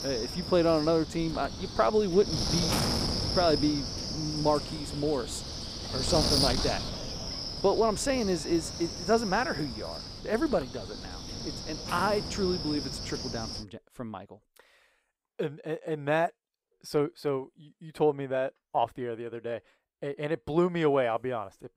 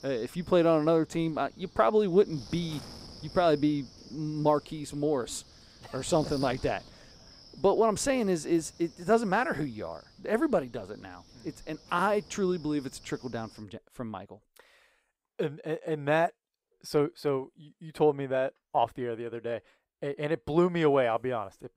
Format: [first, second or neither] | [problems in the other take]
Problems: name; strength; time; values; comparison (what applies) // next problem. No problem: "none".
second | wind noise on the microphone; heavy; until 14 s; 4 dB below the speech; occasional gusts in the second